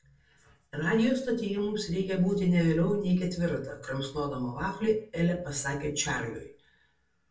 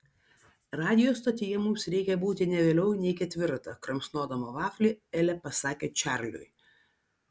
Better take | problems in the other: second | room echo; dies away in 0.3 s

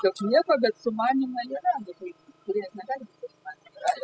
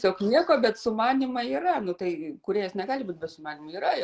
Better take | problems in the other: second | noise reduction (classical method spectral subtraction)

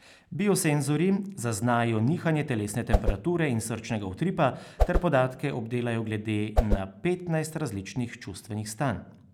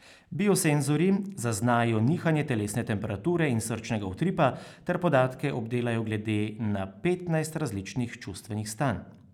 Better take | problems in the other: second | background sound (Whoosh, swoosh, swish); 2 dB above the speech

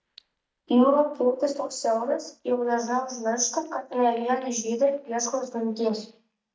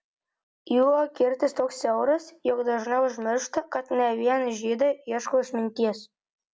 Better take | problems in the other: second | noise reduction (neural mask model DeepFilterNet 3)

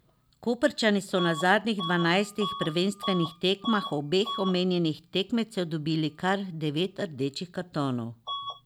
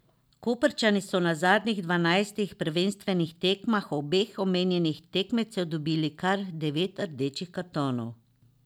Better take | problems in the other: second | background sound (Bus / Alarm); 12 dB below the speech

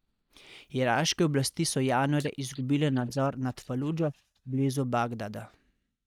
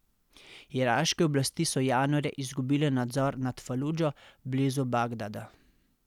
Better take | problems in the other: second | noise reduction (neural mask model DeepFilterNet 3)

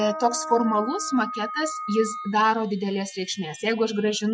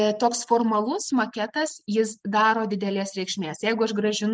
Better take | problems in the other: second | noise reduction (classical method Wiener filter)

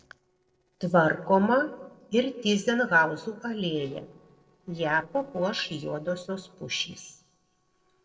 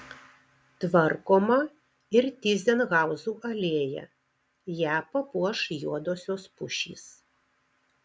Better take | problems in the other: second | noise reduction (neural separator model SepFormer DNS4)

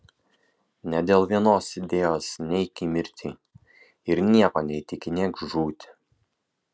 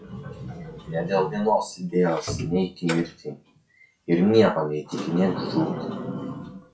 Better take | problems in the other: first | noise reduction (classical method WPE with log-MMSE)

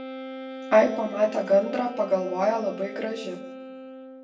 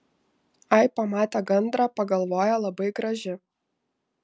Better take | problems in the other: second | background sound (Wind instrument, woodwind instrument); 12 dB below the speech // room echo; dies away in 0.6 s

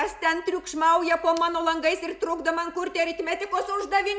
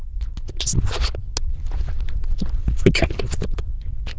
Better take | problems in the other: first | noise reduction (neural diffusion model UNIVERSE++)

